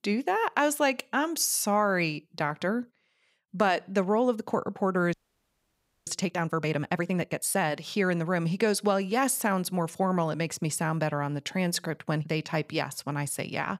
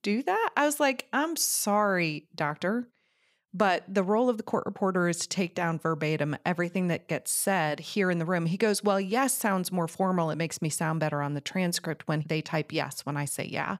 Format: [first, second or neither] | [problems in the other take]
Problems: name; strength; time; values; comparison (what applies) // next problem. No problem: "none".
second | audio freezing; at 5 s for 1 s